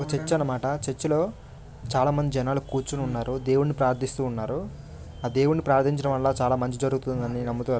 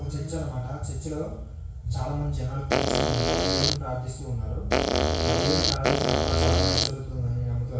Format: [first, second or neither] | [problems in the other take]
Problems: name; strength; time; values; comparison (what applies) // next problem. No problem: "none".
first | background sound (Fart); 4 dB above the speech // room echo; dies away in 0.6 s